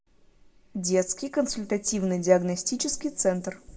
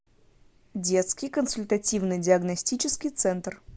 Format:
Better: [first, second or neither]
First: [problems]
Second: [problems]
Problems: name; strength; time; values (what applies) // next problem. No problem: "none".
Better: second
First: room echo; dies away in 0.7 s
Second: none